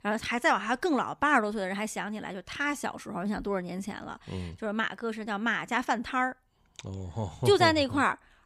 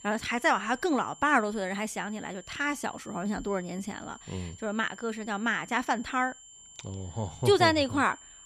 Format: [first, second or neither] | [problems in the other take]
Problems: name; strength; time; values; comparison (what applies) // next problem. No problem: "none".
first | high-pitched whine; noticeable; throughout; 7.5 kHz, 20 dB below the speech